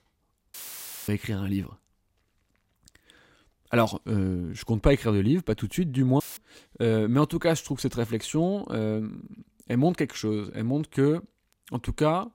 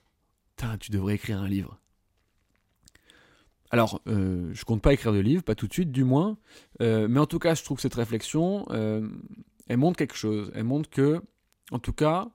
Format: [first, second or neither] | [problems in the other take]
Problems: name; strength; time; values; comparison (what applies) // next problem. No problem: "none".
second | audio cutting out; filled with static; at 0.5 s for 0.5 s and at 6 s